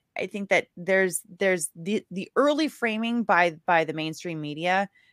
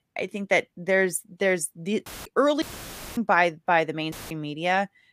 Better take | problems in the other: first | audio cutting out; filled with static; at 2 s, at 2.5 s for 0.5 s and at 4 s

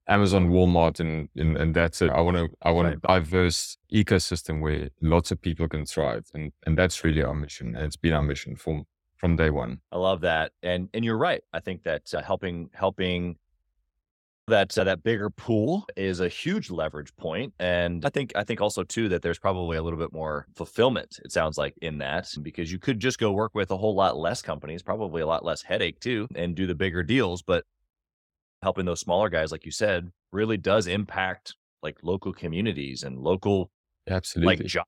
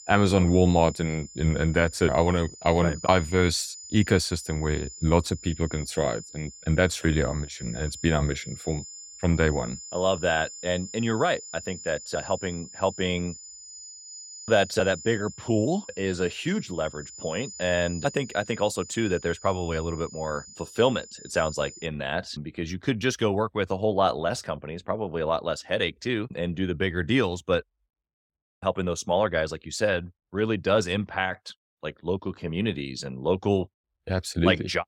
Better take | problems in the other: first | high-pitched whine; noticeable; until 22 s; 7 kHz, 15 dB below the speech

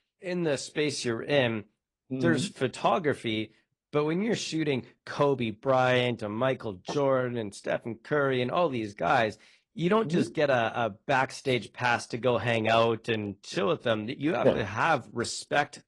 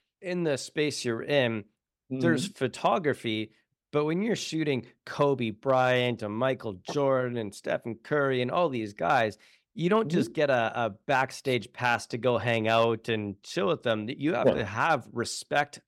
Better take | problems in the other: second | garbled, watery; slightly

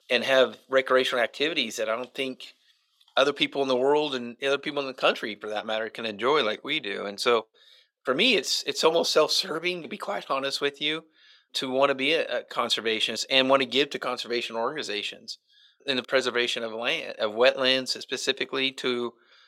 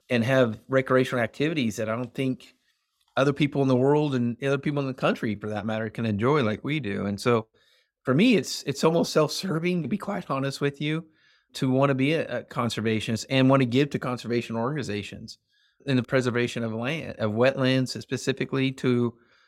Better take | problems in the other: second | thin; somewhat; fading below 500 Hz

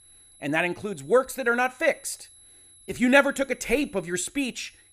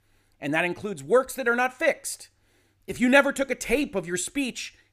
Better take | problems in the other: second | high-pitched whine; faint; throughout; 11 kHz, 25 dB below the speech

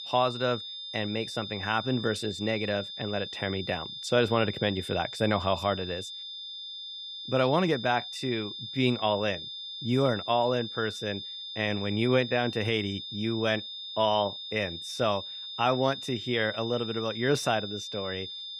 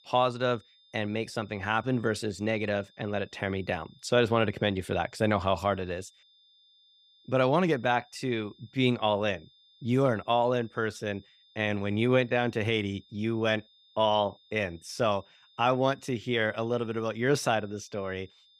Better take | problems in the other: second | high-pitched whine; loud; throughout; 3.5 kHz, 8 dB below the speech; faint in the second

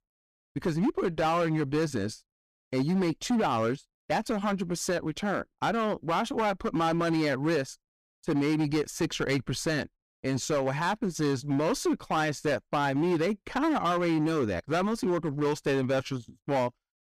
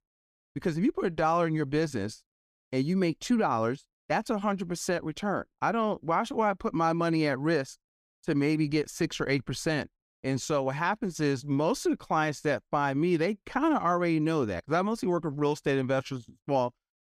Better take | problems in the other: second | distortion; slight; 12% of the sound clipped

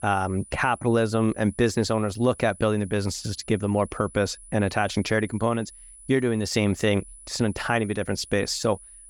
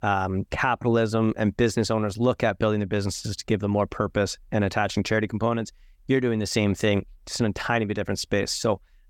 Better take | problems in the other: second | high-pitched whine; noticeable; throughout; 10 kHz, 20 dB below the speech

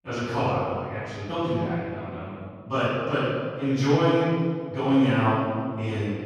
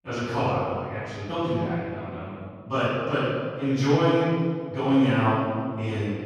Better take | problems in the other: neither | off-mic speech; far; the same in both // room echo; strong; dies away in 1.9 s; the same in both

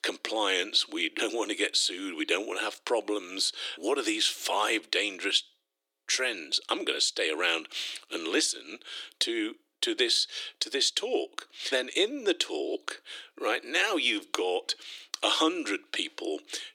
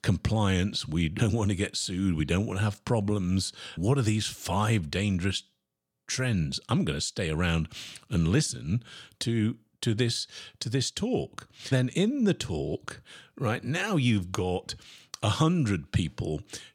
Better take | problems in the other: second | thin; very; fading below 300 Hz

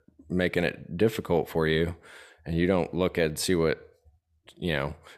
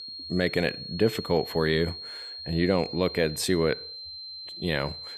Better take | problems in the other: first | high-pitched whine; loud; throughout; 4 kHz, 10 dB below the speech

